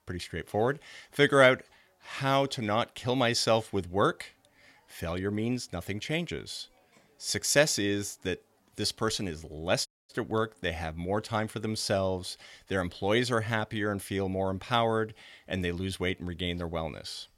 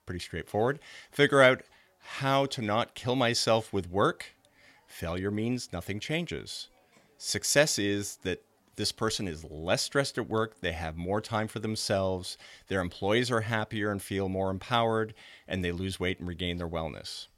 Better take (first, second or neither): second